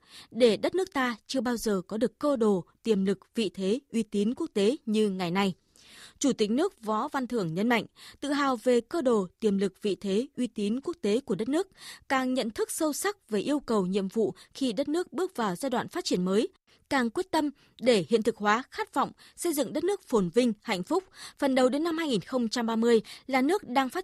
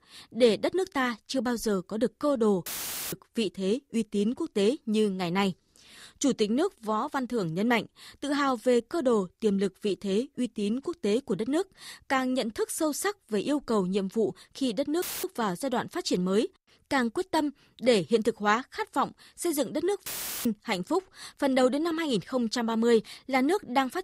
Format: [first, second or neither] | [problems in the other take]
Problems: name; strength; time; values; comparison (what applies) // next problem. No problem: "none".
first | audio cutting out; filled with static; at 2.5 s, at 15 s and at 20 s